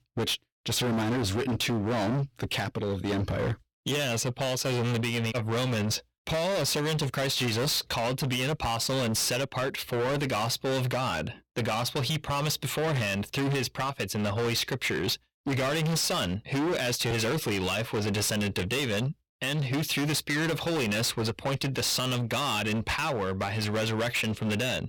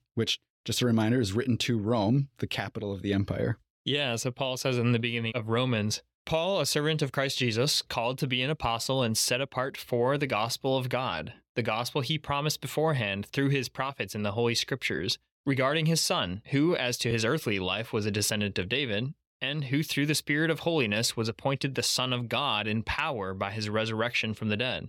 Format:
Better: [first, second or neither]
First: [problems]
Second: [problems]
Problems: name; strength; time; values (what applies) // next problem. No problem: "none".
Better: second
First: distortion; heavy; 33% of the sound clipped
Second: none